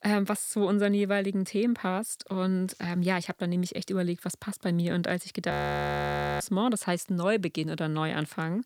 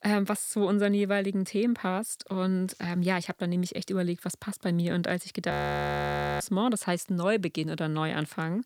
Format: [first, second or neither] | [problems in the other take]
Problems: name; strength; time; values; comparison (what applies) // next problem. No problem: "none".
neither | audio freezing; at 5.5 s for 1 s; the same in both